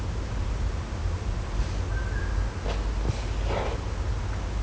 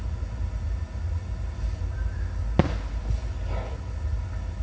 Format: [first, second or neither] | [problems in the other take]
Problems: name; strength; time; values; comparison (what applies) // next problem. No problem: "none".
first | background sound (Fireworks); 7 dB below the speech // room echo; dies away in 0.4 s